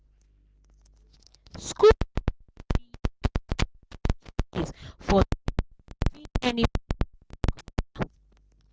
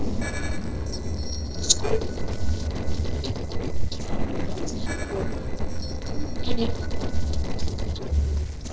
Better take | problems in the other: first | noise reduction (neural separator model SepFormer DNS4)

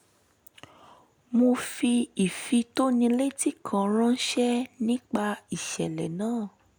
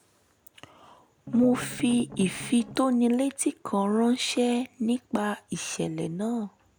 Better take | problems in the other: first | background sound (Strum); 13 dB below the speech

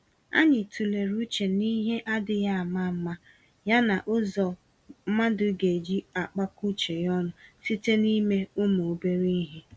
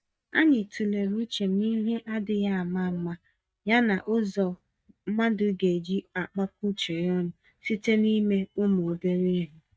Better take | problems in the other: first | noise reduction (neural mask model DeepFilterNet 3)

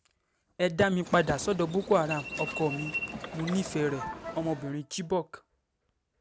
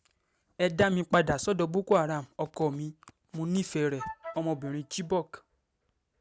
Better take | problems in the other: second | background sound (Subway, metro, underground); 9 dB below the speech

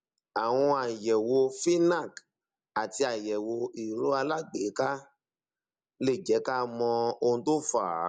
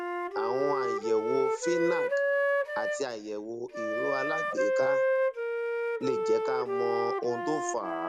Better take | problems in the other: first | background sound (Wind instrument, woodwind instrument); 4 dB above the speech

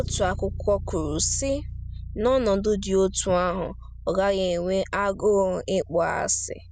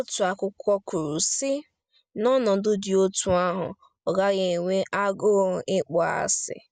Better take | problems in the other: second | background sound (Bass guitar); 11 dB below the speech

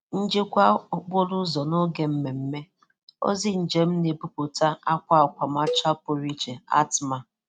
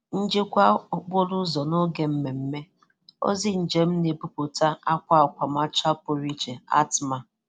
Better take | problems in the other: second | noise reduction (neural mask model RNNoise)

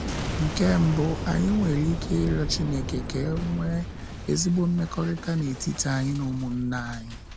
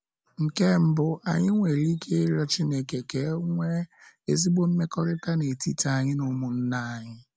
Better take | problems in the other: second | background sound (Boom); 6 dB below the speech

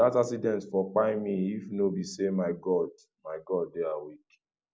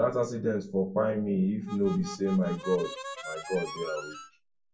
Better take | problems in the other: first | background sound (Harmonica); 11 dB below the speech // room echo; dies away in 0.1 s

